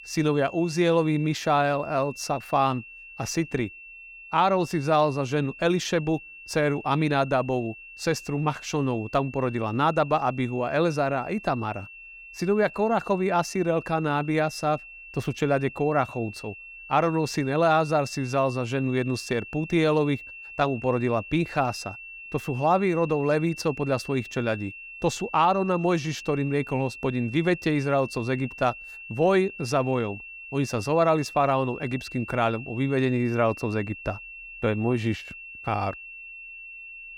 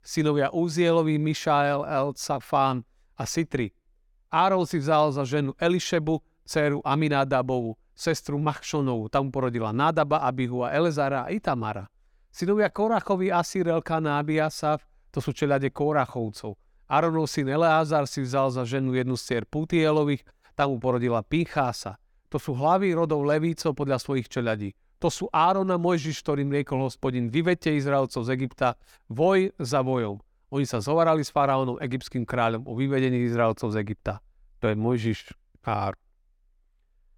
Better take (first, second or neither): second